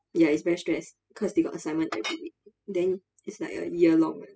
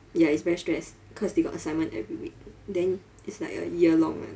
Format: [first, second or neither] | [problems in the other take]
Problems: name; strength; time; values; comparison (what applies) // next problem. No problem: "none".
second | noise reduction (classical method spectral subtraction)